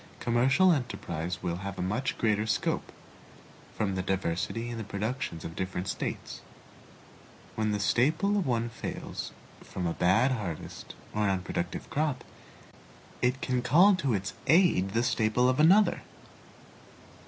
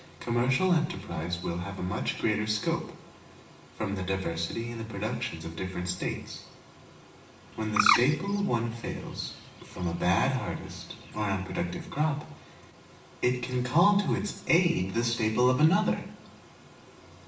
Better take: first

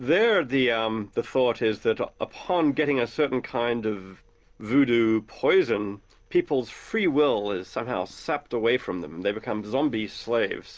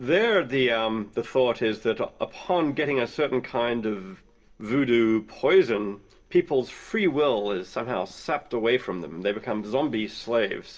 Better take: first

